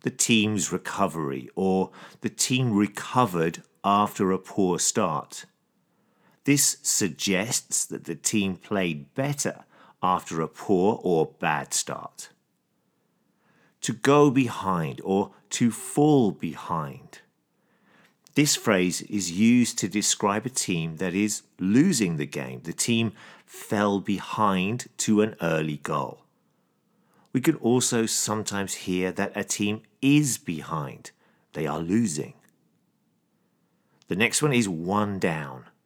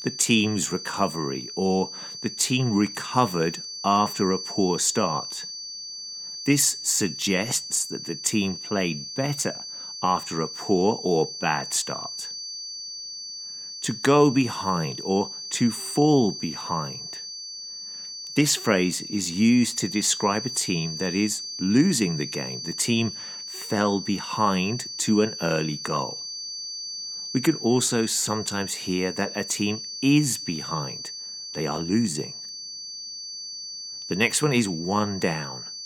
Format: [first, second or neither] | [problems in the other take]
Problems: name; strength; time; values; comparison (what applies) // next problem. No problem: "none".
first | high-pitched whine; loud; throughout; 4.5 kHz, 9 dB below the speech